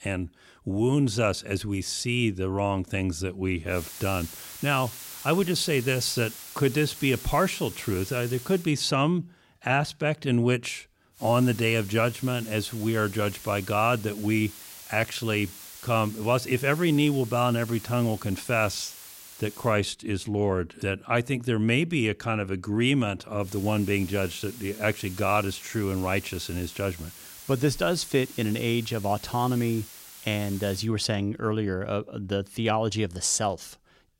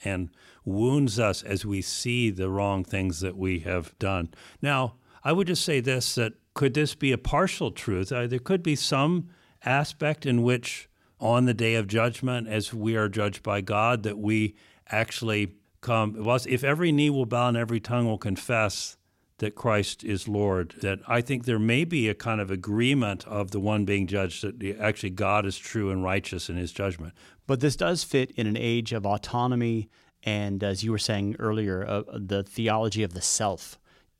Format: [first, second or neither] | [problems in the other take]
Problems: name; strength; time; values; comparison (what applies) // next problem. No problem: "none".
second | hiss; noticeable; from 3.5 to 8.5 s, from 11 to 20 s and from 23 to 31 s; 15 dB below the speech